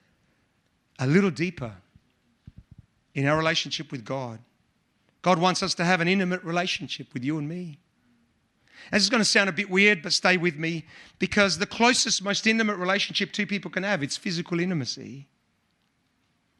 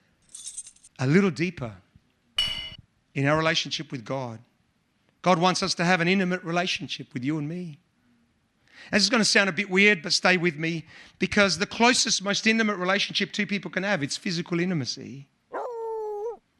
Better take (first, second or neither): first